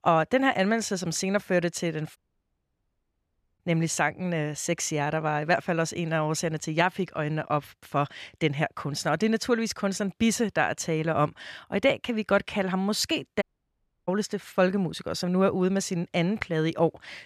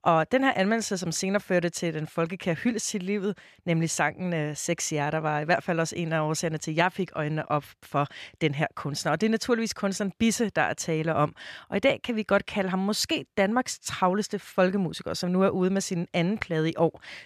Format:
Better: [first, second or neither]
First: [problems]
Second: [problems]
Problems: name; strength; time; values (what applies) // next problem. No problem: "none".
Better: second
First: audio cutting out; at 2 s for 1.5 s and at 13 s for 0.5 s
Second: none